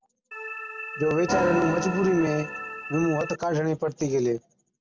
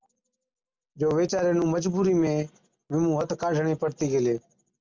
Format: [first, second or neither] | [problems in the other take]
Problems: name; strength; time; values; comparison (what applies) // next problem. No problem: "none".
second | background sound (Organ + Organ); 5 dB below the speech